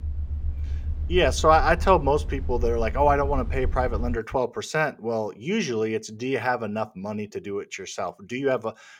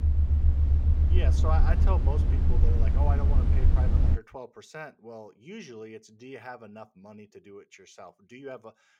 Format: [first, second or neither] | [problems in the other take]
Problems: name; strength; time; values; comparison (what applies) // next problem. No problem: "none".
first | low rumble; loud; until 4 s; 1 dB below the speech; faint in the first